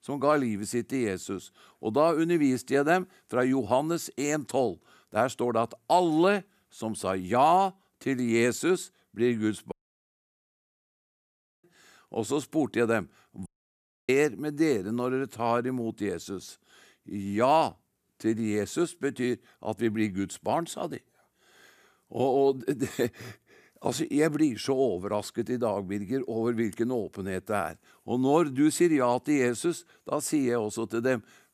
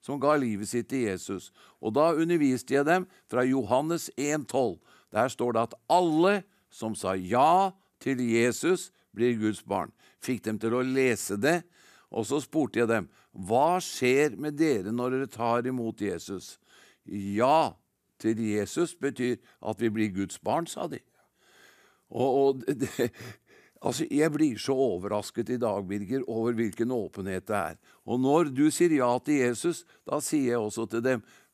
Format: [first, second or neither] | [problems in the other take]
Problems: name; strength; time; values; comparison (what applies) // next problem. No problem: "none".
second | audio cutting out; at 9.5 s for 2 s and at 13 s for 0.5 s